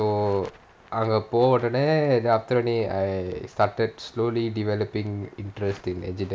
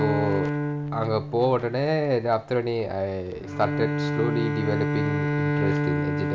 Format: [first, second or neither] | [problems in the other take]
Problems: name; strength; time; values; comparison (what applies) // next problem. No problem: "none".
first | background sound (Bowed string instrument); 1 dB below the speech